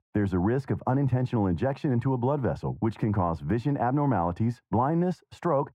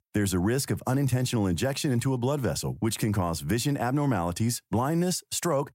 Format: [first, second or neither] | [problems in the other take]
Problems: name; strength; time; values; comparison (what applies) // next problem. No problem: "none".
second | muffled; very; fading above 3.5 kHz